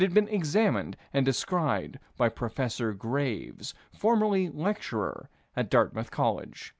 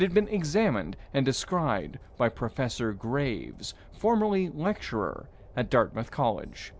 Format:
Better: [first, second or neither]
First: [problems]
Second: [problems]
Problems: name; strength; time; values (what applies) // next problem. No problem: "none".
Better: first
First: none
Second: background sound (Train); 19 dB below the speech